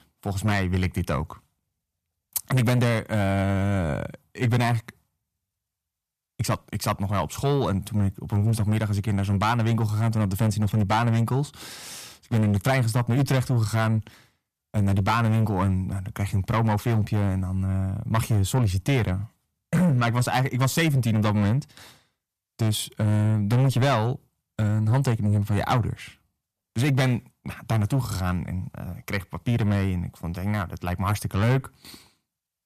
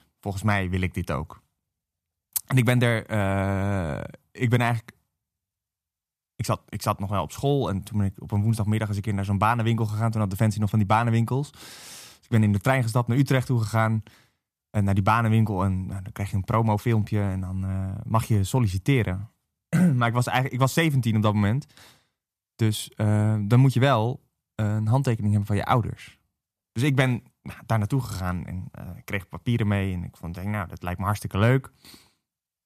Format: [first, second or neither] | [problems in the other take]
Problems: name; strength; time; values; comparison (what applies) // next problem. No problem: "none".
second | distortion; slight; 10 dB below the speech